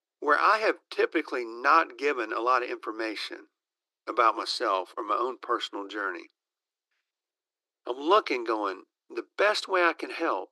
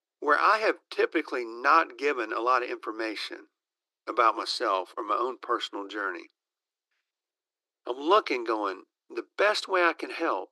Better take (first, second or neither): neither